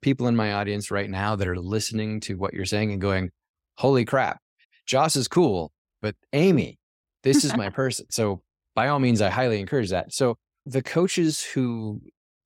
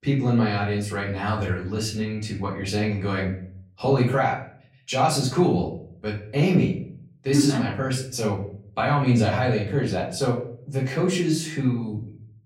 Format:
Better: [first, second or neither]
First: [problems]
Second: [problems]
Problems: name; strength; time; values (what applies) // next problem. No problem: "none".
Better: first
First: none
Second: off-mic speech; far // room echo; slight; dies away in 0.5 s